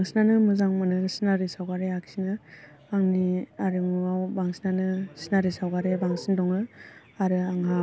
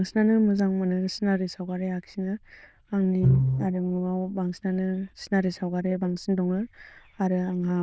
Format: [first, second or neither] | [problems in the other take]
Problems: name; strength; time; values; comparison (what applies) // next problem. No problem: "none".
first | noise reduction (neural diffusion model UNIVERSE++)